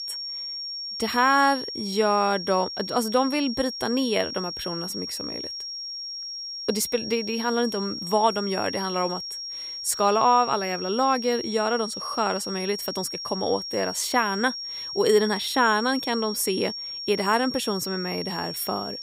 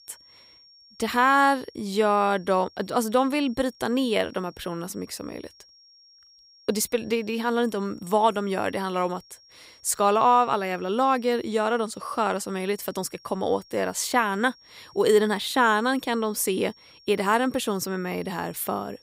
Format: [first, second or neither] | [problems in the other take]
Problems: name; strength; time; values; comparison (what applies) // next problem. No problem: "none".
second | high-pitched whine; loud; throughout; 5.5 kHz, 6 dB below the speech; faint in the second